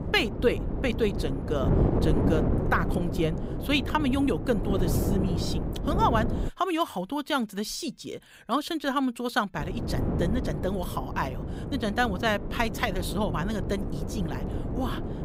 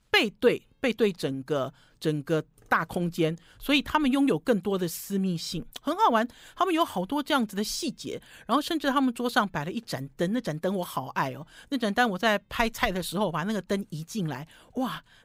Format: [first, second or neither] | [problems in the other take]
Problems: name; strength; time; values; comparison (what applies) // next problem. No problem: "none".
second | wind noise on the microphone; heavy; until 6.5 s and from 9.5 s on; 7 dB below the speech